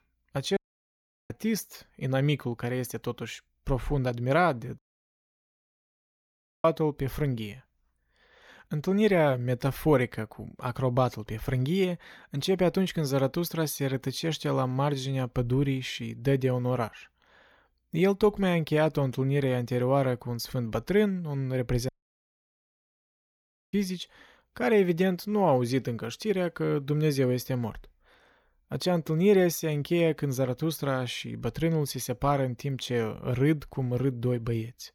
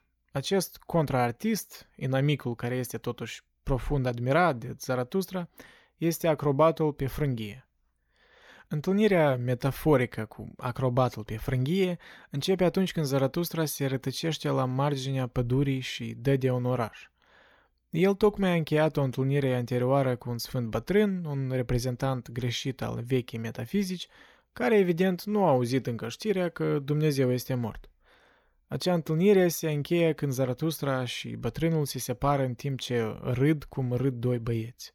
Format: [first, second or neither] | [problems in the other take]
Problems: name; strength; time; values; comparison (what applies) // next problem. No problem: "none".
second | audio cutting out; at 0.5 s for 0.5 s, at 5 s for 2 s and at 22 s for 2 s